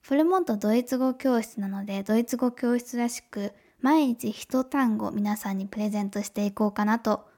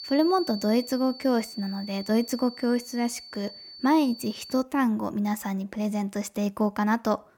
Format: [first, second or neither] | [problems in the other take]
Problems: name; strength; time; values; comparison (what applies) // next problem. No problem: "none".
first | high-pitched whine; noticeable; until 4.5 s; 4.5 kHz, 15 dB below the speech